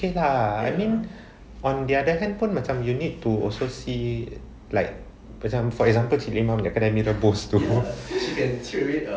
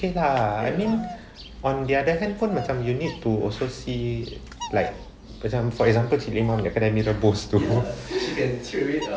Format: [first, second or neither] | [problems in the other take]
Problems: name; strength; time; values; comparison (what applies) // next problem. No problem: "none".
first | background sound (Bird vocalization, bird call, bird song); 18 dB below the speech